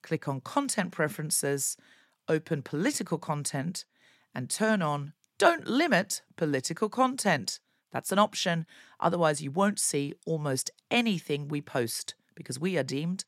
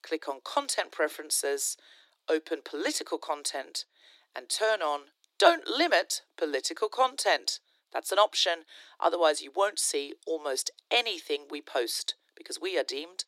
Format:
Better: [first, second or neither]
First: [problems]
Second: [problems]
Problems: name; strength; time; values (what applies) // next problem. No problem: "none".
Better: first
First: none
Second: thin; very; fading below 300 Hz